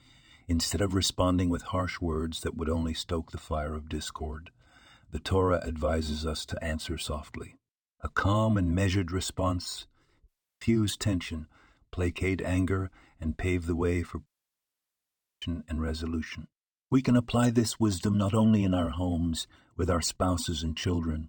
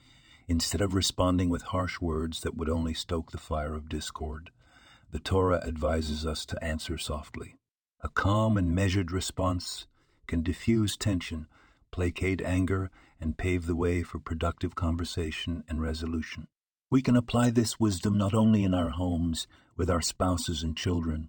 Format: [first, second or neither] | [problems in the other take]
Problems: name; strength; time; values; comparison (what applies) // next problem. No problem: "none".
second | audio cutting out; at 10 s and at 14 s for 1 s